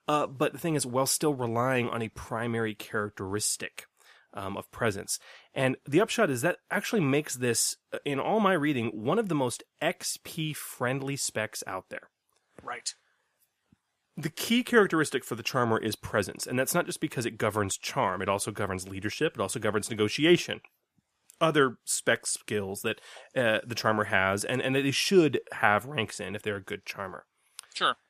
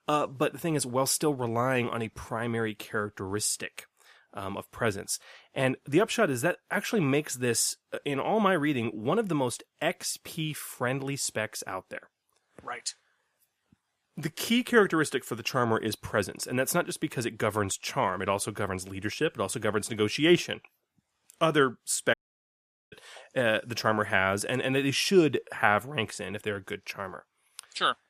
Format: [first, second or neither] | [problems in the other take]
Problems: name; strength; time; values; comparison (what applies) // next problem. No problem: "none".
first | audio cutting out; at 22 s for 1 s